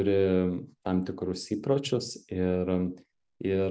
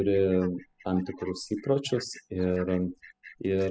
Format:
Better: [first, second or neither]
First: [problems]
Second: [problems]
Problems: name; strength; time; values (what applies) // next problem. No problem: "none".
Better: first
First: none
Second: noise reduction (classical method spectral subtraction)